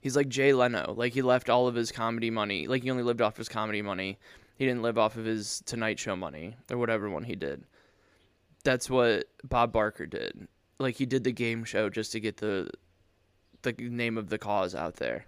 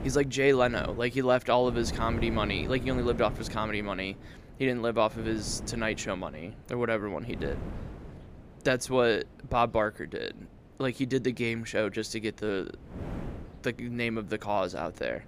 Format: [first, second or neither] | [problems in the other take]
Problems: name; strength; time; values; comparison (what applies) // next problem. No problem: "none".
first | wind noise on the microphone; occasional gusts; 15 dB below the speech